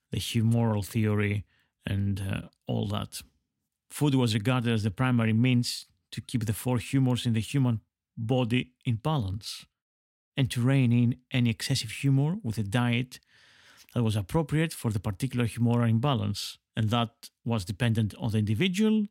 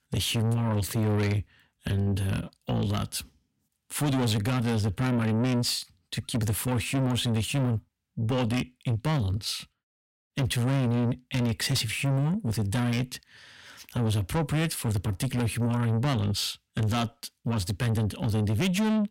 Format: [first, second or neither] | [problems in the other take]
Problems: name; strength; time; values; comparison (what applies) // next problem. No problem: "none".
first | distortion; heavy; 6 dB below the speech